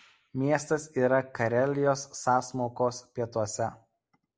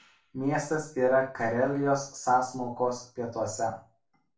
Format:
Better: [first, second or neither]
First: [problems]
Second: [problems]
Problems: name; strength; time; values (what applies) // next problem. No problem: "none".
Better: first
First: none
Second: room echo; dies away in 0.3 s